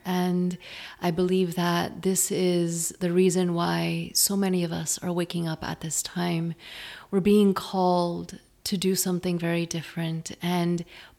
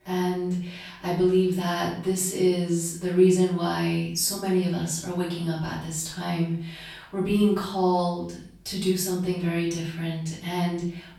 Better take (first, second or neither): first